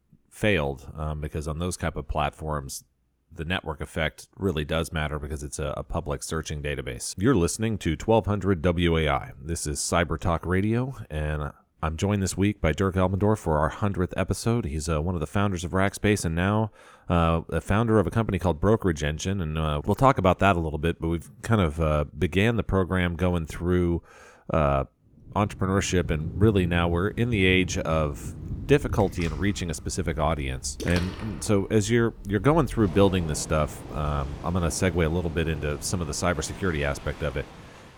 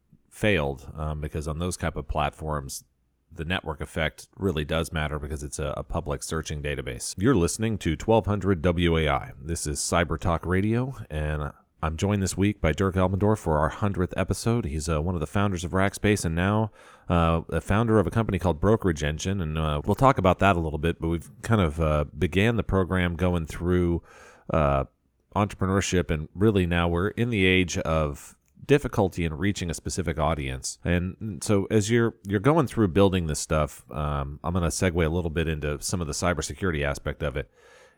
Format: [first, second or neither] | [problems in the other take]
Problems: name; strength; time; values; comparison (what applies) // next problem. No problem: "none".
second | rain or running water; noticeable; from 26 s on; 10 dB below the speech